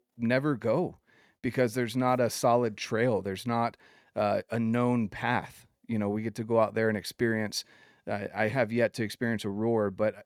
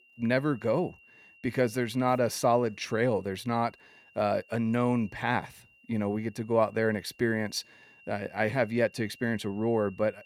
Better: first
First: none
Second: high-pitched whine; faint; throughout; 3 kHz, 25 dB below the speech

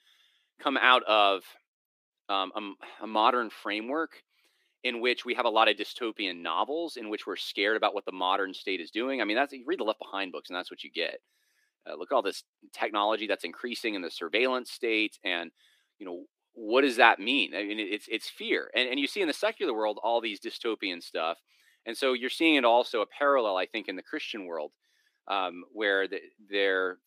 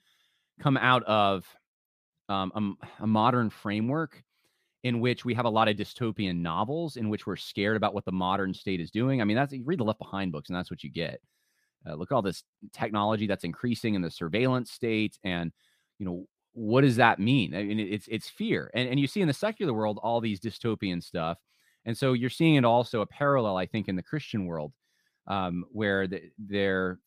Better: second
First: thin; somewhat; fading below 300 Hz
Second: none

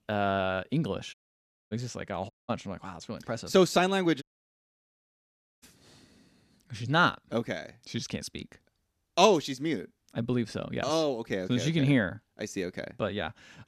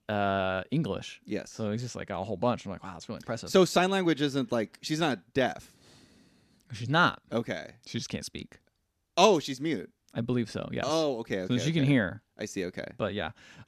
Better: second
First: audio cutting out; at 1 s for 0.5 s, at 2.5 s and at 4 s for 1.5 s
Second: none

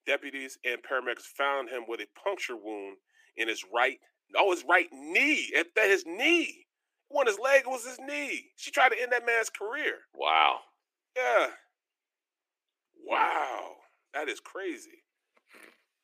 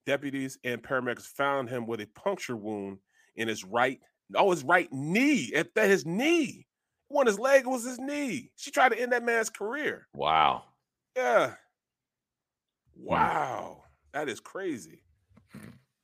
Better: second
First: thin; somewhat; fading below 350 Hz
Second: none

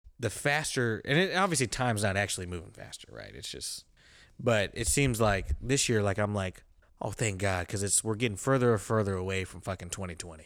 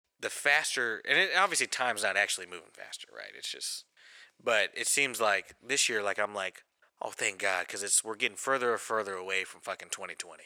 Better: first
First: none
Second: thin; very; fading below 550 Hz

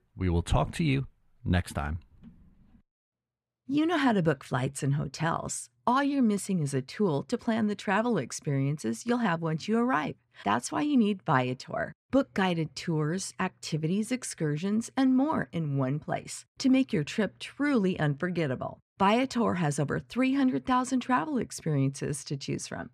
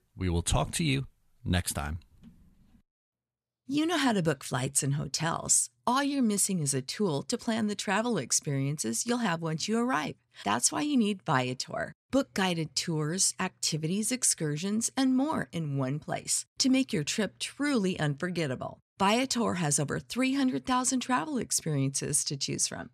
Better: second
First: muffled; slightly; fading above 3.5 kHz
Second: none

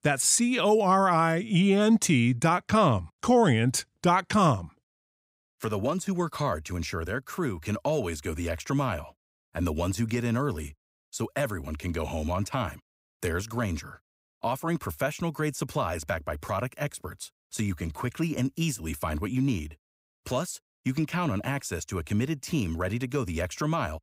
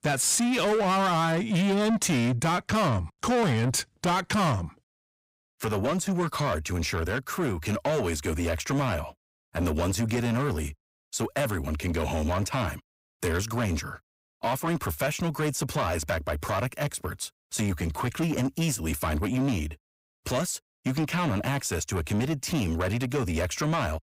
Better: first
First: none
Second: distortion; heavy; 7 dB below the speech

